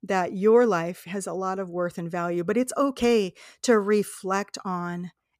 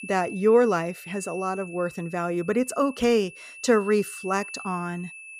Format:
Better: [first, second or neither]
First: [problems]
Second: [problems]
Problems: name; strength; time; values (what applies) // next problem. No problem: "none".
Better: first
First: none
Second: high-pitched whine; noticeable; throughout; 2.5 kHz, 15 dB below the speech